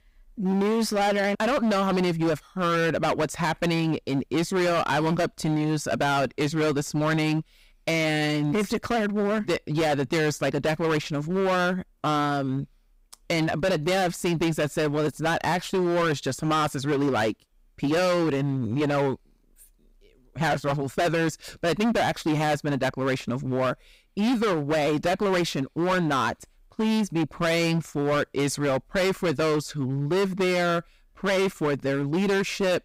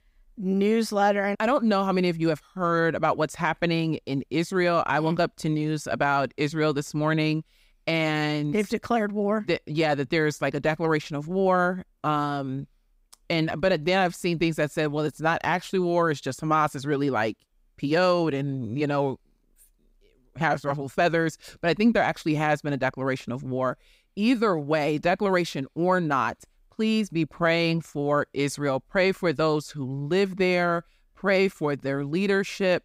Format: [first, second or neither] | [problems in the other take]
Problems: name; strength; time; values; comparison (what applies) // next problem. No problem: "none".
second | distortion; heavy; 20% of the sound clipped